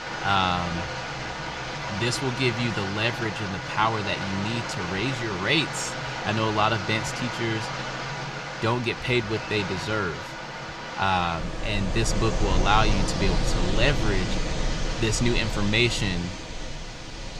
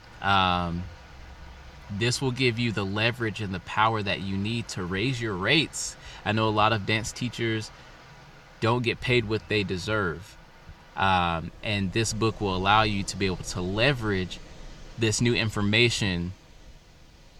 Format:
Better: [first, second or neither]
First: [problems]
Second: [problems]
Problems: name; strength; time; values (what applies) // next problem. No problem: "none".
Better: second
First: rain or running water; loud; throughout; 4 dB below the speech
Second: rain or running water; faint; throughout; 25 dB below the speech